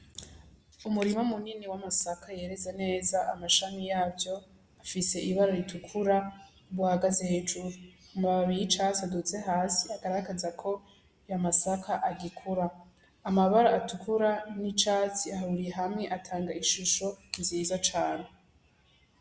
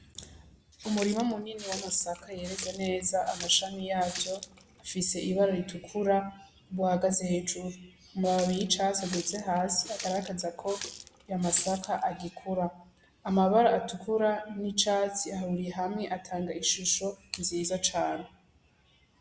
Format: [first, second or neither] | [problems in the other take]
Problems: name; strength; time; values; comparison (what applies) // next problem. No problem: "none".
first | background sound (Water tap, faucet); 13 dB below the speech